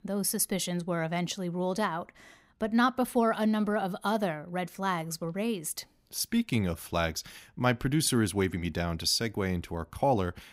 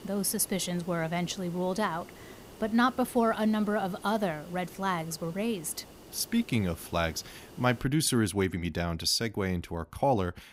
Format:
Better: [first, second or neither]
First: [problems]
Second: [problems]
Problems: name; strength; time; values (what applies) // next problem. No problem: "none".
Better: first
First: none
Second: hiss; noticeable; until 8 s; 20 dB below the speech